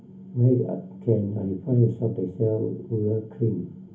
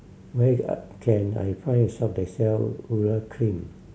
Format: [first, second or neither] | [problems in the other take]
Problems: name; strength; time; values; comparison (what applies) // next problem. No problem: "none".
second | room echo; dies away in 0.3 s